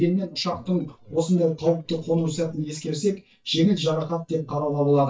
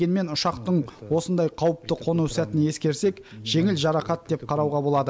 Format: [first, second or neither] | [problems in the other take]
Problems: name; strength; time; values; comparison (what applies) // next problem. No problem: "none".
second | noise reduction (neural mask model DeepFilterNet 3)